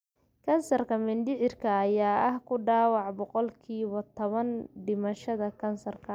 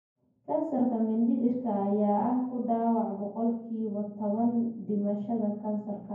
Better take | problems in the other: first | room echo; dies away in 0.9 s

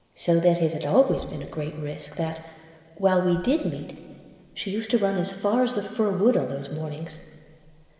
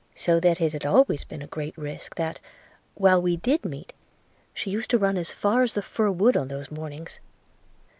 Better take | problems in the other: second | room echo; dies away in 2.9 s

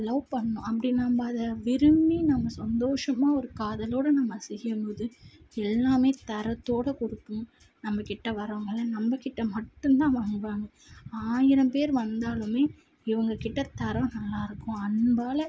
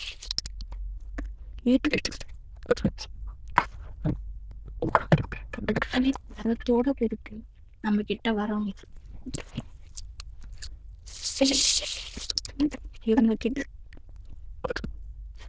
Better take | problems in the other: first | noise reduction (neural diffusion model UNIVERSE++)

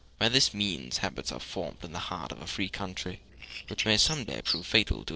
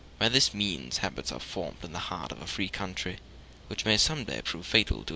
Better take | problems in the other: second | noise reduction (neural separator model SepFormer DNS4)

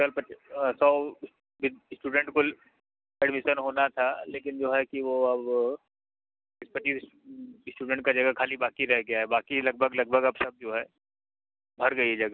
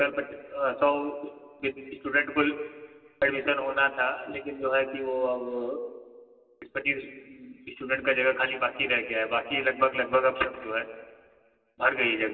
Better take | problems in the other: first | room echo; dies away in 2.2 s

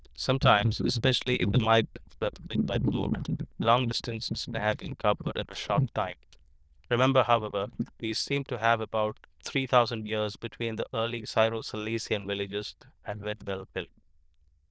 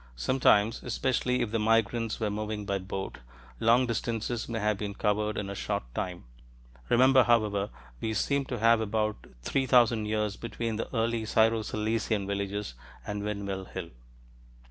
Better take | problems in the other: second | noise reduction (neural diffusion model UNIVERSE++)

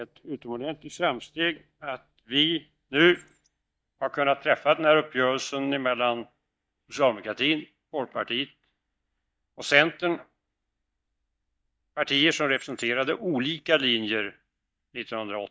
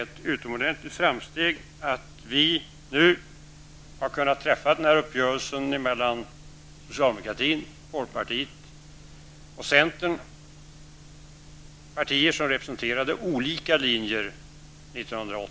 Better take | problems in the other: second | noise reduction (neural mask model DeepFilterNet 3)

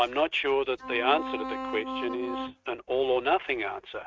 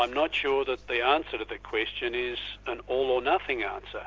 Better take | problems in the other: second | noise reduction (neural mask model RNNoise)

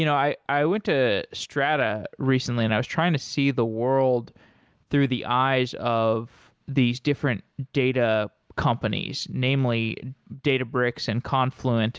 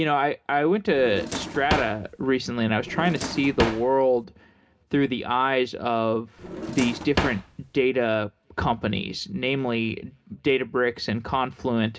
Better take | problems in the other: first | background sound (Drawer open or close); 6 dB below the speech // room echo; dies away in 0.3 s

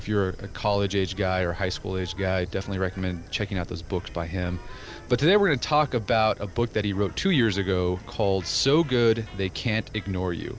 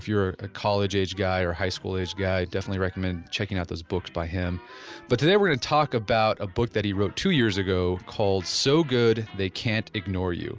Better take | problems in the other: second | background sound (Fire); 16 dB below the speech

